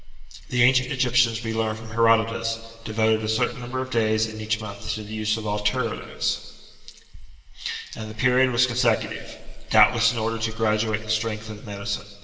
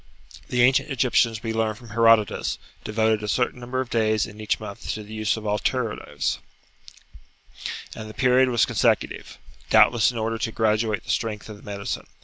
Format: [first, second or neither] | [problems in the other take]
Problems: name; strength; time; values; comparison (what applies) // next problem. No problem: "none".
second | room echo; dies away in 2.4 s